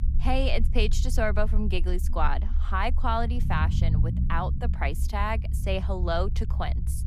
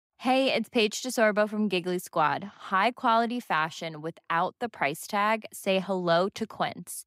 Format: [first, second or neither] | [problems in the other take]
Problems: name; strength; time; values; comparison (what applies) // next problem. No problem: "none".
second | low rumble; noticeable; throughout; 15 dB below the speech